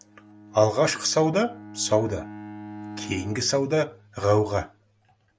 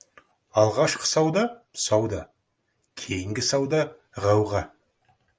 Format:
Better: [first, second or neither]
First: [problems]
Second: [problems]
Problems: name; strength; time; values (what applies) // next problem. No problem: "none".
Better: second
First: background sound (Bowed string instrument); 17 dB below the speech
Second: none